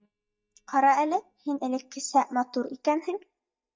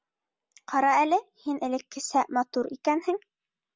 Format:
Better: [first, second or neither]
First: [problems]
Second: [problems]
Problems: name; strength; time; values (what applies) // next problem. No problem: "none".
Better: second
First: noise reduction (neural mask model DeepFilterNet 3)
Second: none